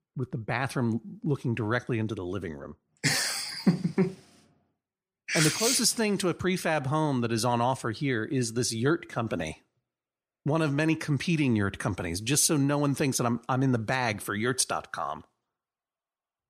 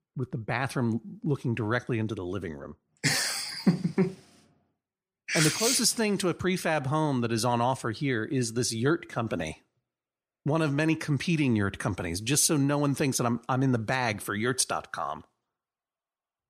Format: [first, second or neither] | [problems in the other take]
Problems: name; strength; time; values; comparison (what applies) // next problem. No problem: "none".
neither | none